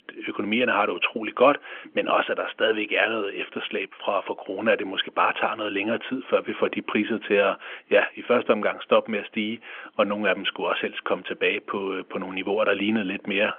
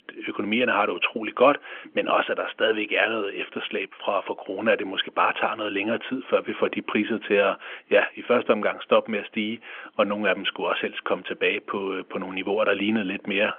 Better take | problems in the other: neither | phone-call audio; nothing above 3.5 kHz; the same in both

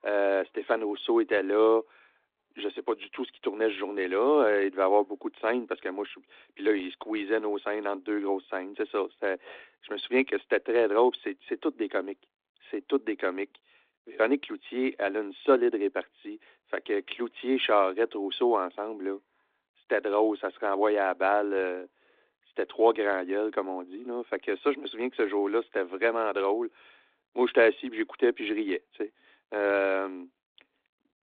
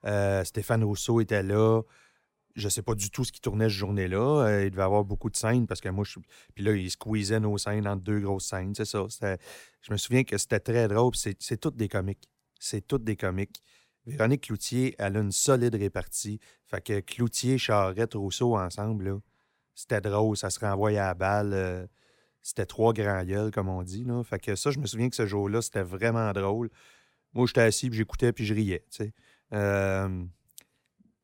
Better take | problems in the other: second | phone-call audio

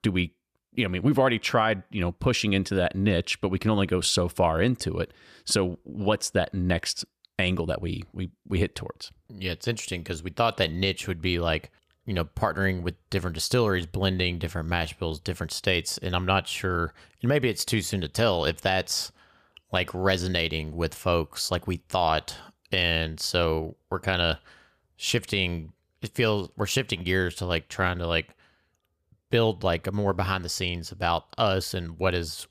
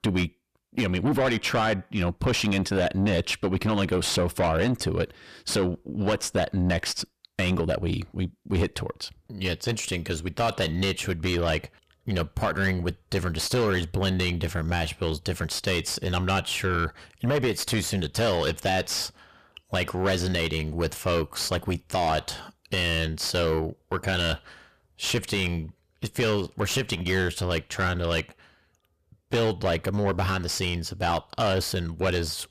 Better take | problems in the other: first | distortion; heavy; 7 dB below the speech

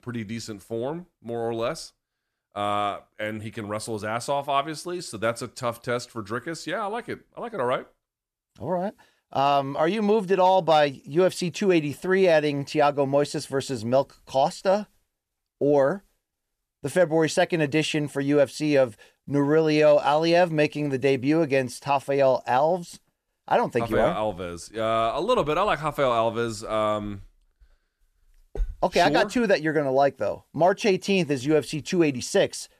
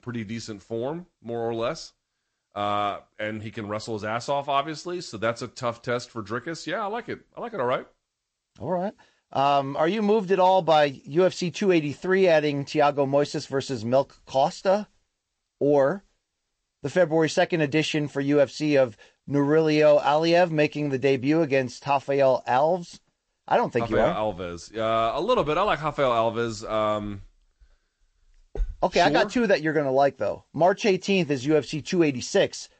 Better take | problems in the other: first | garbled, watery; slightly; nothing above 8 kHz

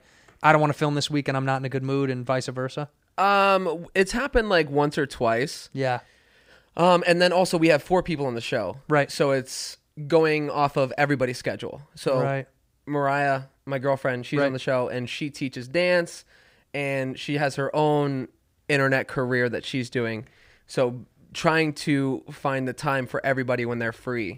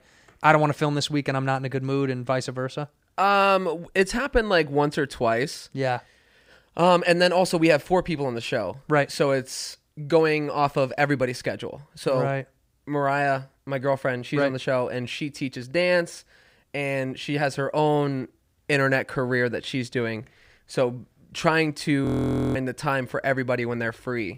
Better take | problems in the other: first | audio freezing; at 22 s for 0.5 s

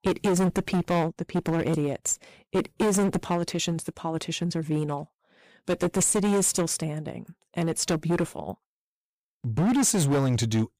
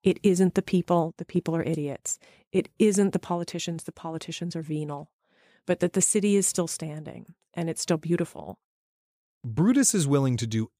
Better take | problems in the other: second | distortion; heavy; 13% of the sound clipped

